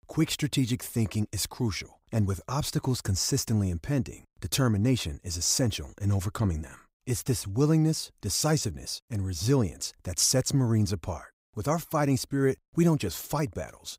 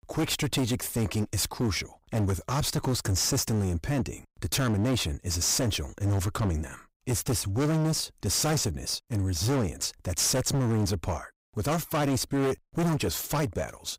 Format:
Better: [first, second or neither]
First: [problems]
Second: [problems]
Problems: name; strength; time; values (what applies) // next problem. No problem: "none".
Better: first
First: none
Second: distortion; heavy; 22% of the sound clipped